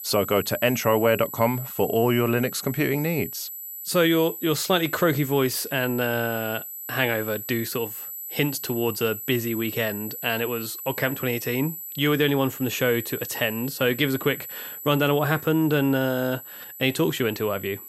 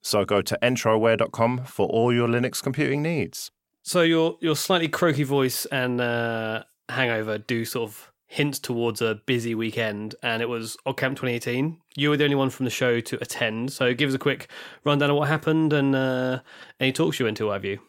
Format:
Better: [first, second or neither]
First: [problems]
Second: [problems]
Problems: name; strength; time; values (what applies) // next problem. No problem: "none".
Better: second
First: high-pitched whine; loud; throughout; 12 kHz, 9 dB below the speech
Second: none